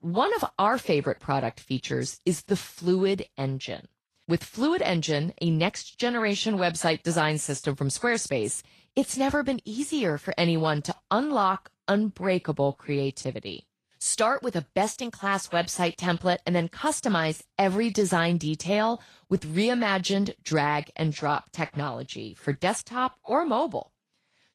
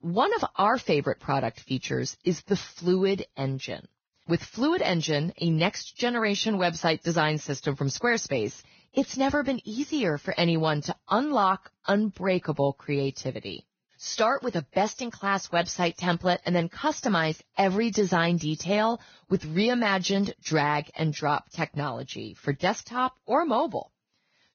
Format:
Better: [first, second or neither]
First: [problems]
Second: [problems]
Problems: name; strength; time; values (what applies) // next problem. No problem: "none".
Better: first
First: garbled, watery; slightly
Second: garbled, watery; badly; nothing above 6.5 kHz